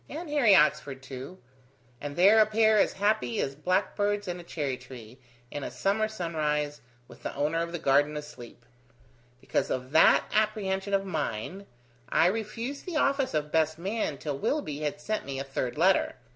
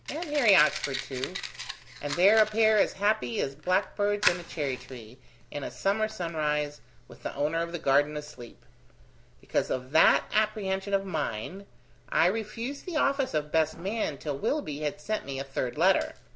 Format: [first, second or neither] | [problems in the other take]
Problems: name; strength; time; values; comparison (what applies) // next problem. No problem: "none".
first | background sound (Fire); 13 dB below the speech